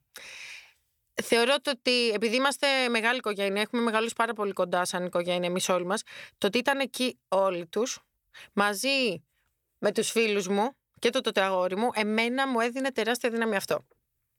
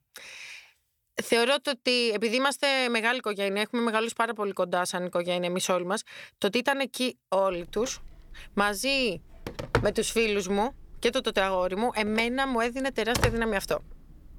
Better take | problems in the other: first | phone ringing; noticeable; from 8 to 13 s; peak 2 dB below the speech

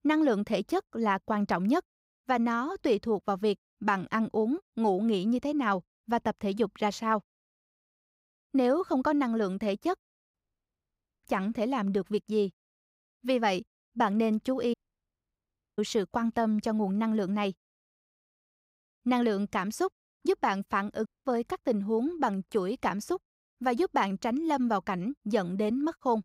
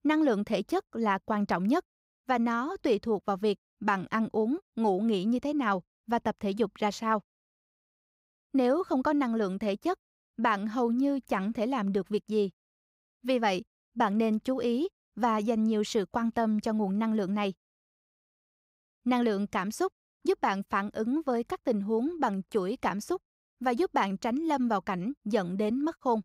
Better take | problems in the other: second | audio cutting out; at 10 s for 1 s, at 15 s for 1 s and at 21 s

